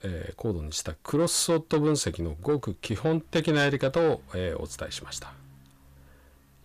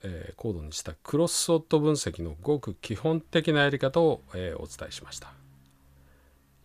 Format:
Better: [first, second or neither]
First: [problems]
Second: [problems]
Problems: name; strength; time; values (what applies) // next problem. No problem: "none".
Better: second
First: distortion; slight; 10 dB below the speech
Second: none